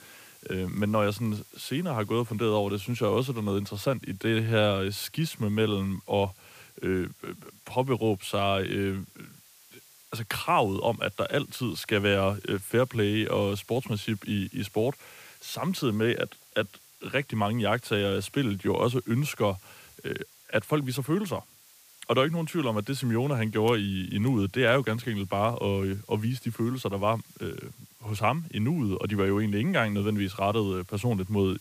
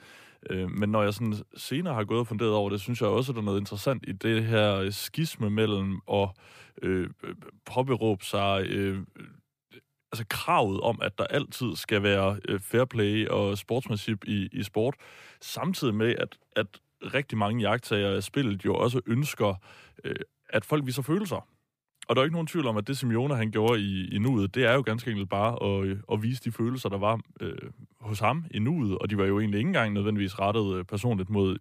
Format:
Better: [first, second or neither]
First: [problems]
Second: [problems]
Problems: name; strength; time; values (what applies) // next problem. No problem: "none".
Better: second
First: hiss; faint; throughout; 25 dB below the speech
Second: none